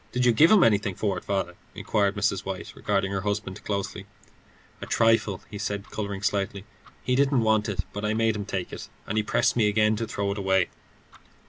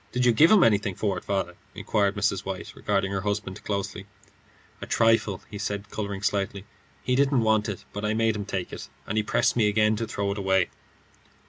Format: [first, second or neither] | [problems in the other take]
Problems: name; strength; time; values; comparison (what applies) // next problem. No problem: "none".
second | background sound (Tick-tock); 18 dB below the speech